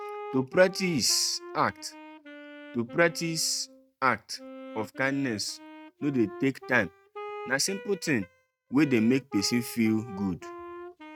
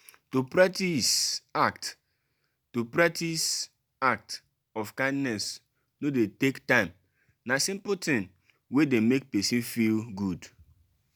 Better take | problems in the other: second | noise reduction (neural mask model RNNoise)

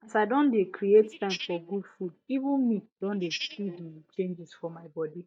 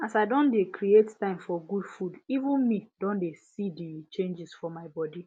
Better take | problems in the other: second | noise reduction (neural mask model DeepFilterNet 3)

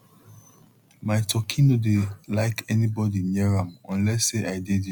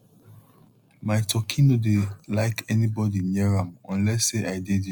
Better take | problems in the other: first | noise reduction (neural mask model Resemble Enhance denoiser)

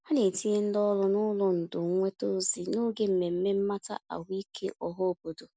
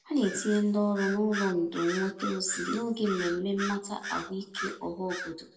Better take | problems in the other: first | background sound (Bird vocalization, bird call, bird song); 9 dB below the speech // room echo; dies away in 0.6 s

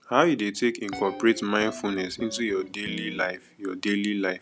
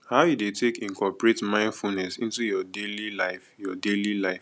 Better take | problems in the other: second | background sound (Guitar); 15 dB below the speech

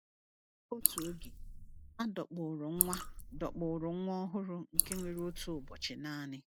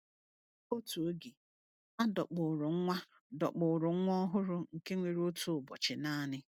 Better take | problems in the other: second | noise reduction (neural mask model Resemble Enhance denoiser)

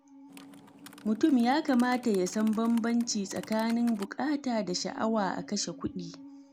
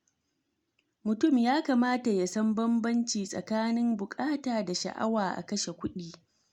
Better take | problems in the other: second | background sound (Typing + Musical instrument); 17 dB below the speech

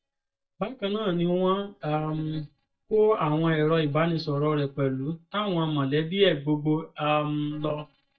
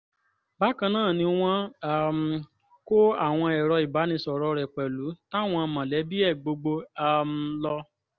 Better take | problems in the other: second | noise reduction (neural mask model DeepFilterNet 3)

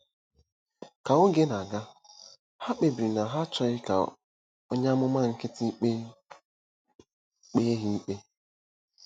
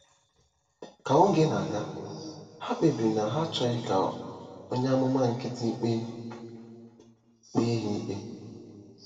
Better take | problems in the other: first | room echo; dies away in 2.1 s

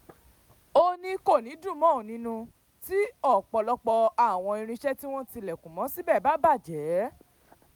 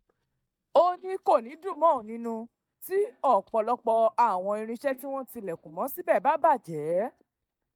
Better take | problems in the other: first | noise reduction (neural mask model DeepFilterNet 3)

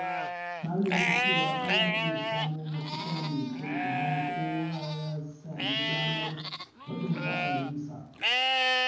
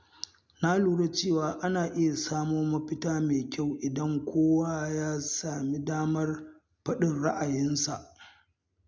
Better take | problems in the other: second | background sound (Livestock, farm animals, working animals); 3 dB above the speech // room echo; dies away in 0.9 s

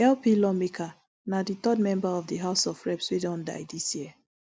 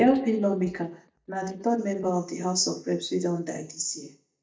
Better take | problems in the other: first | noise reduction (neural mask model DeepFilterNet 3)

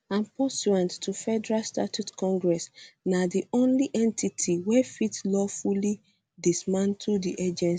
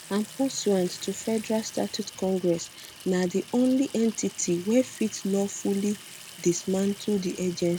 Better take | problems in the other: first | background sound (Sink (filling or washing) / Water tap, faucet); 17 dB below the speech

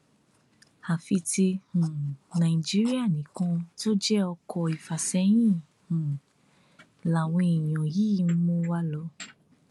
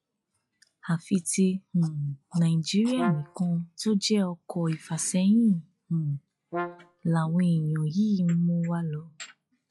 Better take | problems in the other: first | noise reduction (classical method log-MMSE)

